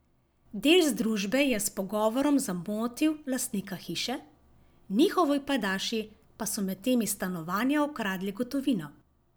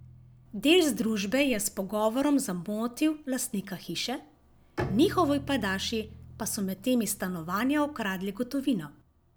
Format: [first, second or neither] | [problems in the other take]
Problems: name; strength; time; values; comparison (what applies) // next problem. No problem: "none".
first | background sound (Bowed string instrument); 16 dB below the speech